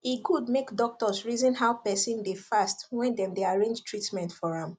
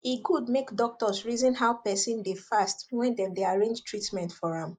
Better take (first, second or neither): first